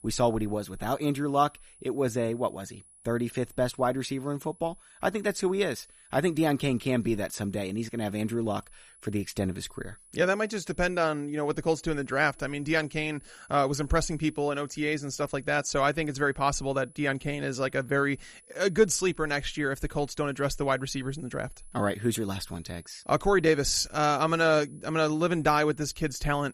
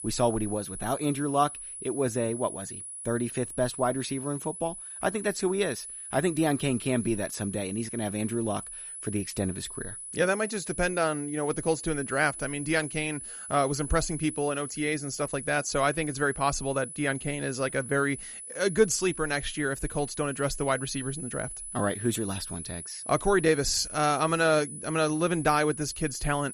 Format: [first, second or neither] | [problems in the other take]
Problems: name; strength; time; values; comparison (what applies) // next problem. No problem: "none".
first | high-pitched whine; loud; throughout; 10 kHz, 9 dB below the speech; faint in the first